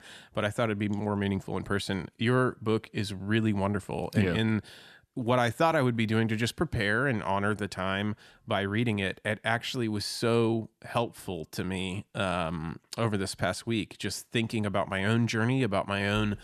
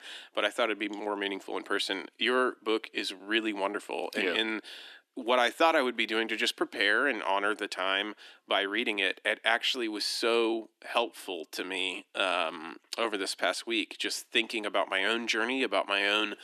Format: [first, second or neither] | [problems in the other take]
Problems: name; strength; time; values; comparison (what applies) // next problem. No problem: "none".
first | thin; somewhat; fading below 300 Hz